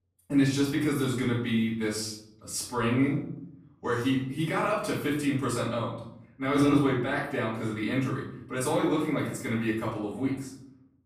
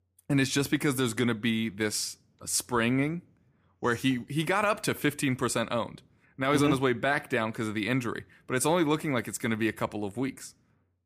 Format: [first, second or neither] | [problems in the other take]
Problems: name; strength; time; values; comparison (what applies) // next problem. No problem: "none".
second | off-mic speech; far // room echo; noticeable; dies away in 0.7 s